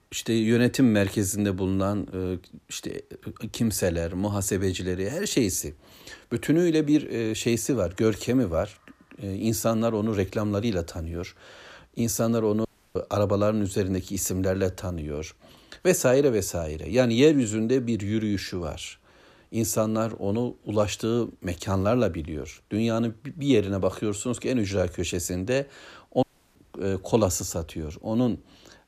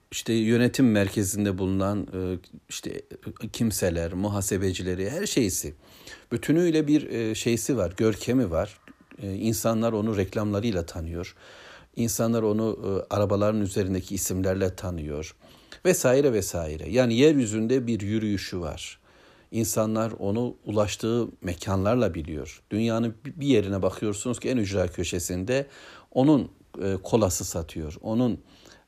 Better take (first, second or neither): second